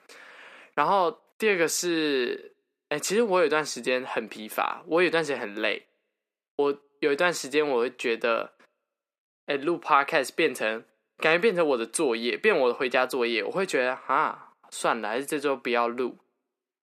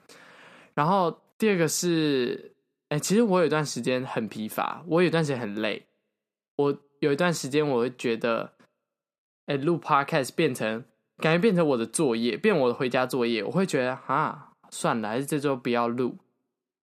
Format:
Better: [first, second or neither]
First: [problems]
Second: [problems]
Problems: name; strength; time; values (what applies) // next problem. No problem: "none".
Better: second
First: thin; somewhat; fading below 400 Hz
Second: none